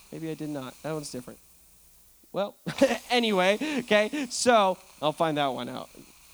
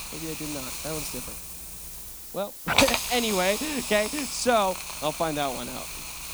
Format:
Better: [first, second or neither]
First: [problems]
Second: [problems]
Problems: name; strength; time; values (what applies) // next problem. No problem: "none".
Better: first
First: hiss; faint; throughout; 20 dB below the speech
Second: hiss; loud; throughout; 2 dB below the speech